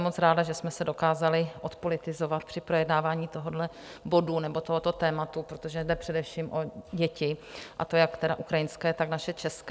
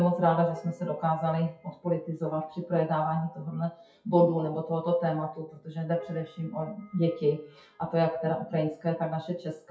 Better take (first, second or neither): first